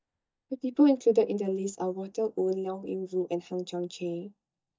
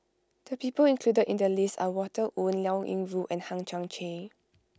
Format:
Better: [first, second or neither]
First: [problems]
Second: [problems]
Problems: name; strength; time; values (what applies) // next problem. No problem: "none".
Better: second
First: noise reduction (neural mask model DeepFilterNet 3)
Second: none